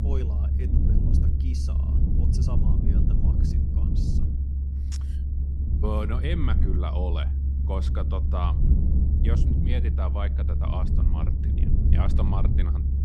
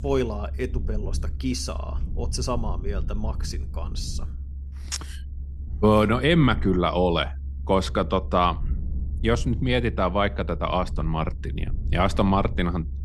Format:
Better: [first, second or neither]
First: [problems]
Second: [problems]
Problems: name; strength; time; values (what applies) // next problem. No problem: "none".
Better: second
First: low rumble; loud; throughout; 2 dB below the speech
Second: low rumble; faint; throughout; 25 dB below the speech